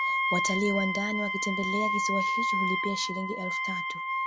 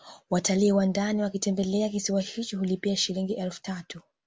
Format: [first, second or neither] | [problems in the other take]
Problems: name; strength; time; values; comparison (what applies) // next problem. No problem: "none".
second | background sound (Wind instrument, woodwind instrument); 3 dB above the speech